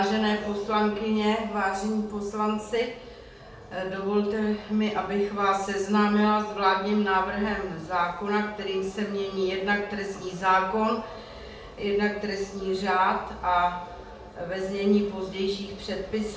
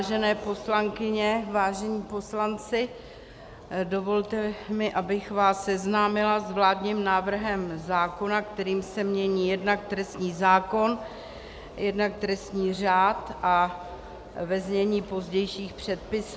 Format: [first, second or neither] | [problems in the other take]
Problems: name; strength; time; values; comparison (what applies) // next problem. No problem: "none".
second | room echo; dies away in 0.5 s